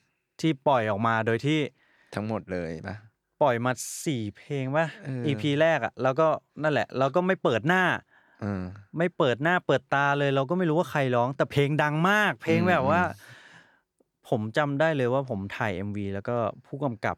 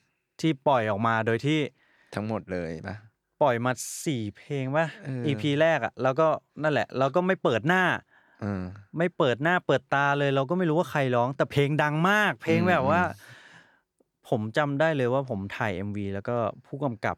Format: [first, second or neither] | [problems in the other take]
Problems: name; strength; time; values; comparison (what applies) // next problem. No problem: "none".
neither | none